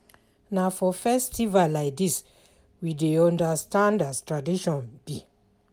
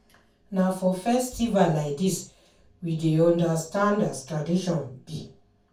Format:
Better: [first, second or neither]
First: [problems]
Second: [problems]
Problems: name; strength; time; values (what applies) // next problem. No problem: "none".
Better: first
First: none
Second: room echo; dies away in 0.3 s